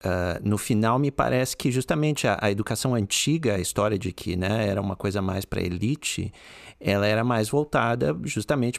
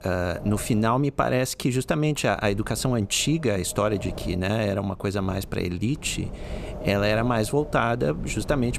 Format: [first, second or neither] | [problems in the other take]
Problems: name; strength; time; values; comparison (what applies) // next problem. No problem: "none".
first | wind noise on the microphone; occasional gusts; 15 dB below the speech